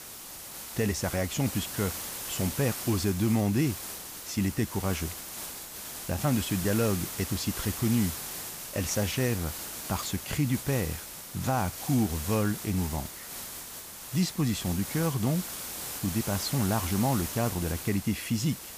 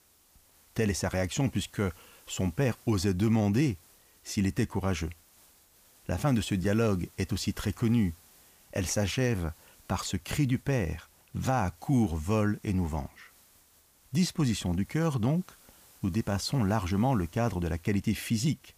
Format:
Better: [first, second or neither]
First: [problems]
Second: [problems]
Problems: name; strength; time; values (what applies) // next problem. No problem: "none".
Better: second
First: hiss; loud; throughout; 6 dB below the speech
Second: hiss; faint; throughout; 25 dB below the speech